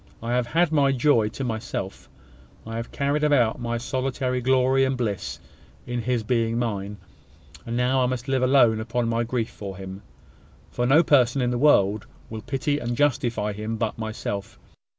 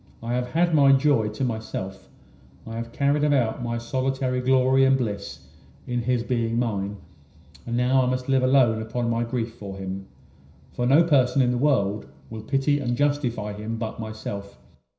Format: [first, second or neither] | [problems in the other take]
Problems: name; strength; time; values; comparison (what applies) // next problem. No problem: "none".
first | room echo; dies away in 0.5 s